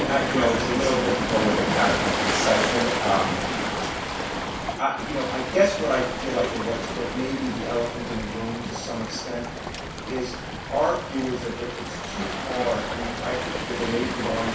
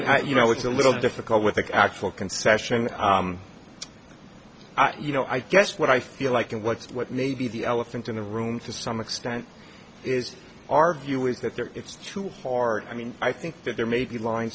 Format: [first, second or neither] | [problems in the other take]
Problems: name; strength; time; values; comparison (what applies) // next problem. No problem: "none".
second | background sound (Waves, surf); 1 dB below the speech // room echo; dies away in 0.7 s